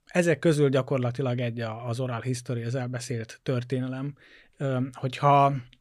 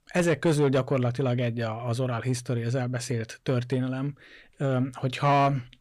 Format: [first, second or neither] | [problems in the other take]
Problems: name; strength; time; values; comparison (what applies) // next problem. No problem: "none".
first | distortion; slight; 10 dB below the speech